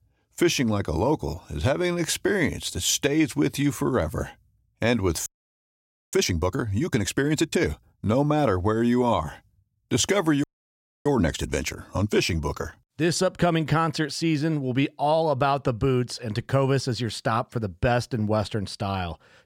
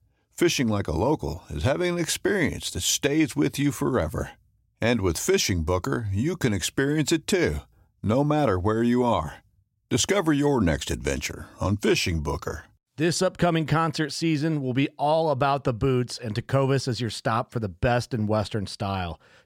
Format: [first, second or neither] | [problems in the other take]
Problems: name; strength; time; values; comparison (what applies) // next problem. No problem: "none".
second | audio freezing; at 5.5 s for 1 s and at 10 s for 0.5 s